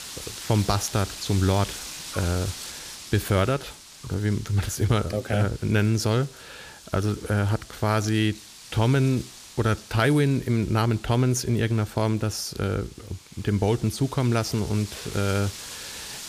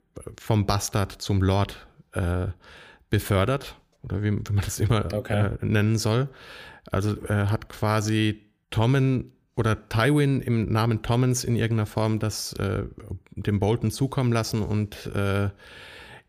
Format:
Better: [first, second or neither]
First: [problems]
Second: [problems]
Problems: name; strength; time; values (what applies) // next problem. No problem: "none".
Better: second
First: wind noise on the microphone; occasional gusts; 10 dB below the speech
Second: none